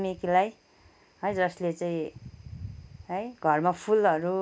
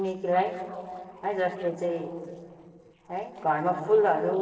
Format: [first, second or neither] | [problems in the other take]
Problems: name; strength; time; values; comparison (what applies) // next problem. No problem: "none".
first | noise reduction (neural separator model SepFormer DNS4)